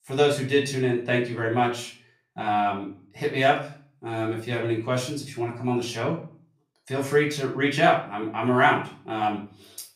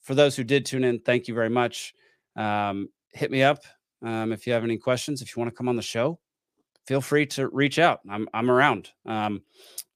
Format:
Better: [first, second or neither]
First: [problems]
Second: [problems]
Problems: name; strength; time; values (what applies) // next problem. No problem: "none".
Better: second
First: off-mic speech; far // room echo; slight; dies away in 0.4 s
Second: none